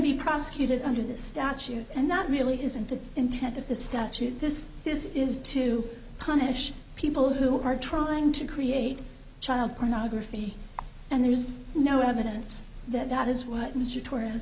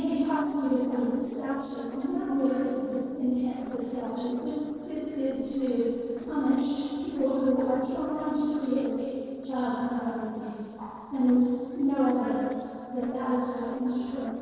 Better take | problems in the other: first | noise reduction (neural separator model SepFormer DNS4)

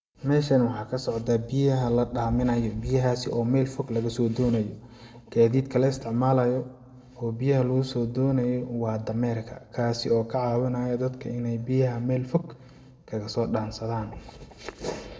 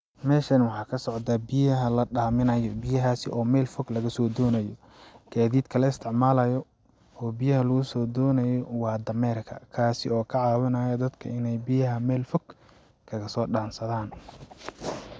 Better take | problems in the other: second | room echo; dies away in 0.8 s

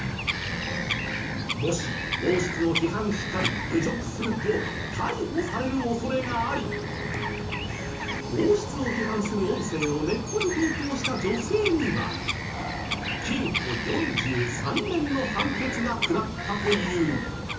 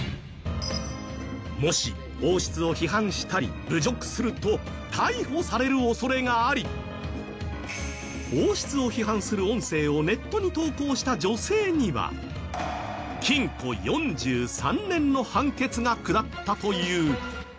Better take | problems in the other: second | background sound (Bird vocalization, bird call, bird song); 3 dB below the speech // room echo; dies away in 0.8 s

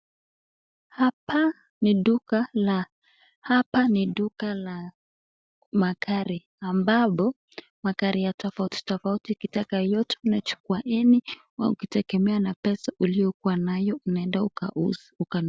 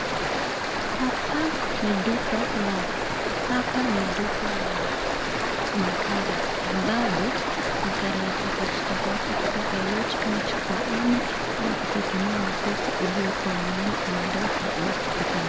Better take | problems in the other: first | background sound (Stream); 4 dB above the speech

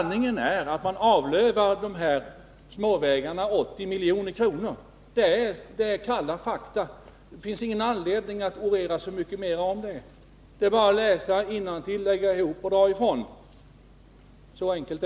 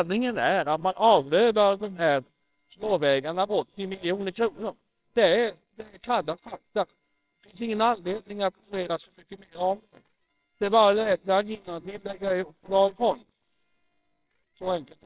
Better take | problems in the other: first | noise reduction (neural separator model SepFormer WHAMR!)

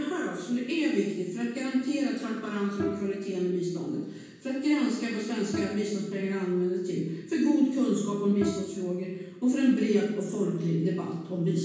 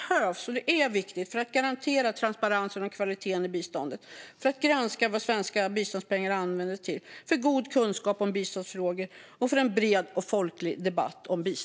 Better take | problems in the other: second | background sound (Bowed string instrument); 14 dB below the speech // room echo; dies away in 1.2 s

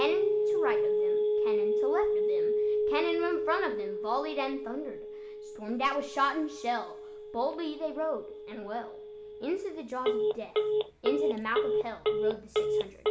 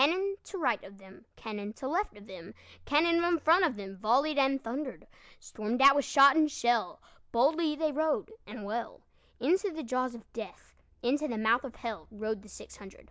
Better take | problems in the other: second | background sound (Telephone); 4 dB above the speech // room echo; dies away in 1.9 s

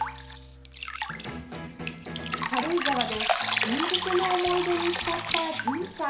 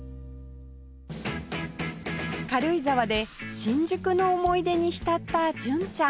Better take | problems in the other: second | background sound (Drip); 1 dB below the speech // room echo; dies away in 0.6 s

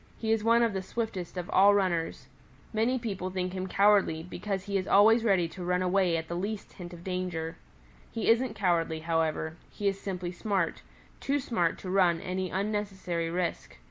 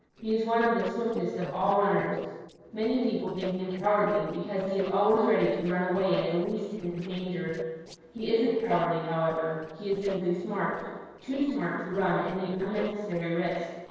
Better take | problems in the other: first | noise reduction (neural separator model SepFormer DNS4)

